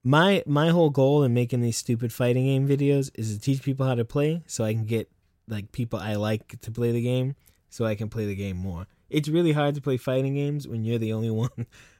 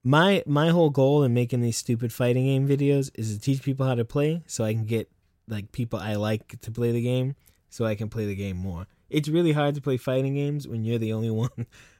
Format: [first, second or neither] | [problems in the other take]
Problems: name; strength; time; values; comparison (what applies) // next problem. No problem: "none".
neither | none